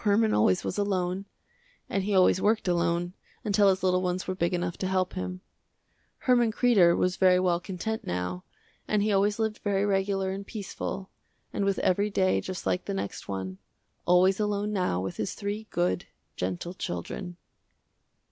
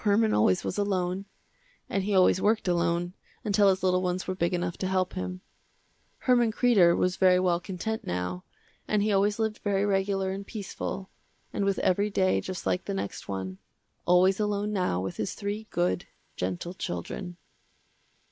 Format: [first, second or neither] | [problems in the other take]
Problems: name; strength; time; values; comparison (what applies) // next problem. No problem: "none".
first | noise reduction (neural mask model Resemble Enhance denoiser)